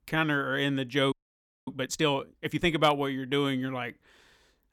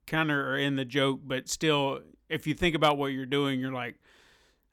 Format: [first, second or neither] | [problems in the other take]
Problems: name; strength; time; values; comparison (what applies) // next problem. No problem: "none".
second | audio freezing; at 1 s for 0.5 s